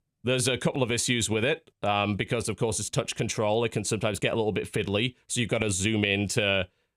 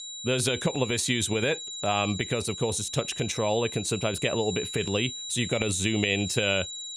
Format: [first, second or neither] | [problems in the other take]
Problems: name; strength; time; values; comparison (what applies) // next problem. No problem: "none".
first | high-pitched whine; loud; throughout; 4 kHz, 8 dB below the speech